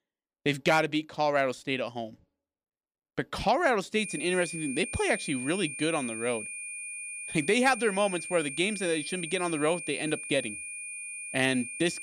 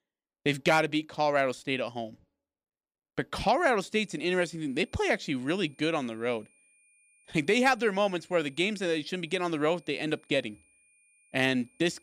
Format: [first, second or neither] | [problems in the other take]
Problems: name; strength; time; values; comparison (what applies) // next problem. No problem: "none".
second | high-pitched whine; loud; from 4 s on; 2.5 kHz, 8 dB below the speech; faint in the second